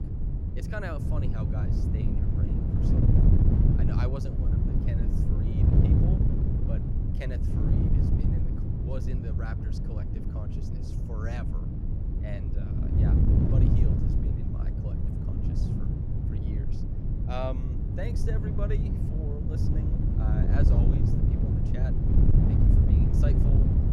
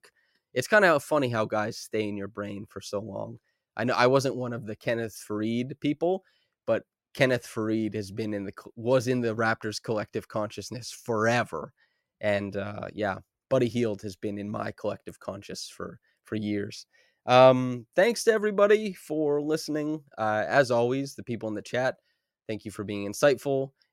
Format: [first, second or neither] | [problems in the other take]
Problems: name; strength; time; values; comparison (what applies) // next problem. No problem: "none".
second | wind noise on the microphone; heavy; 4 dB above the speech